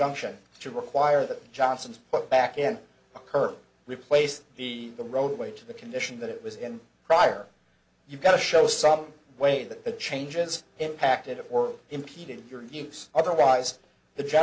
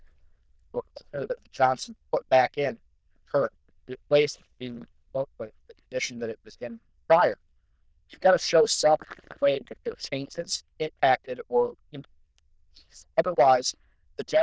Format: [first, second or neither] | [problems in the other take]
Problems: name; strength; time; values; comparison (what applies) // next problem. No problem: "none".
first | noise reduction (neural diffusion model UNIVERSE++)